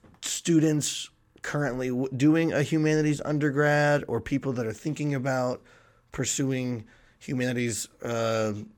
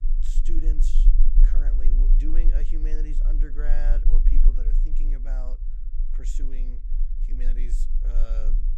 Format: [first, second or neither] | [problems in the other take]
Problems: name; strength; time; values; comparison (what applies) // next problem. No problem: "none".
first | low rumble; loud; throughout; 7 dB below the speech